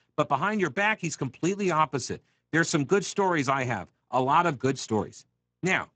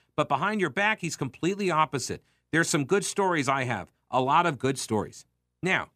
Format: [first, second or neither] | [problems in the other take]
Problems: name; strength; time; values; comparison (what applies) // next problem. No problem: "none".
second | garbled, watery; badly; nothing above 7.5 kHz